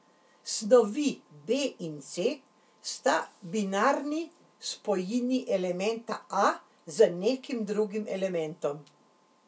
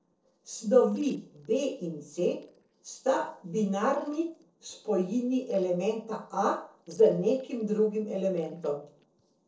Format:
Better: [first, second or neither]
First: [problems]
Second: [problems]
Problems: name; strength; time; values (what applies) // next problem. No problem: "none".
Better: first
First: none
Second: noise reduction (neural separator model SepFormer DNS4)